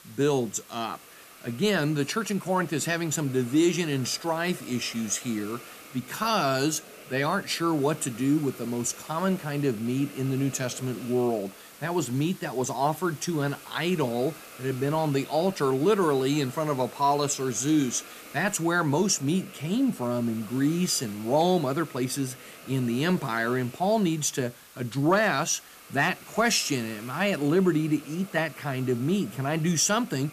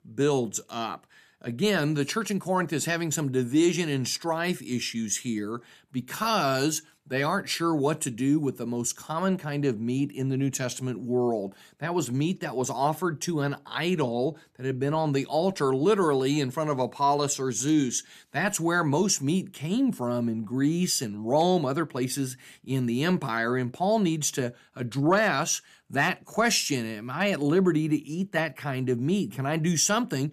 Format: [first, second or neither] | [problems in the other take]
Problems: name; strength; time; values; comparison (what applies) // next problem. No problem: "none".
second | hiss; noticeable; throughout; 20 dB below the speech